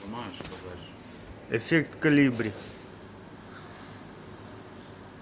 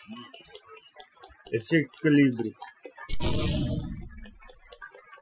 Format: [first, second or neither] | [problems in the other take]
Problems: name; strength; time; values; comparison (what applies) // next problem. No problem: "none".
first | noise reduction (classical method Wiener filter)